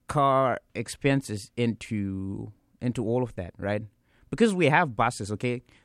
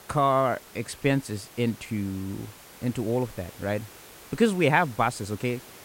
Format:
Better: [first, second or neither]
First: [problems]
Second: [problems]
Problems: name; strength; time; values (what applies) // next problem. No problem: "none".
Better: first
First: none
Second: hiss; noticeable; throughout; 20 dB below the speech